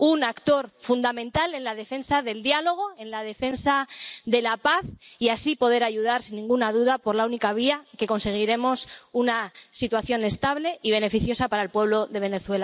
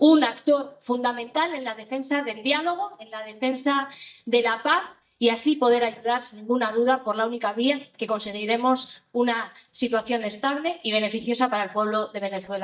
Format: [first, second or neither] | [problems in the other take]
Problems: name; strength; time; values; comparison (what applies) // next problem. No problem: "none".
first | noise reduction (neural mask model DeepFilterNet 3)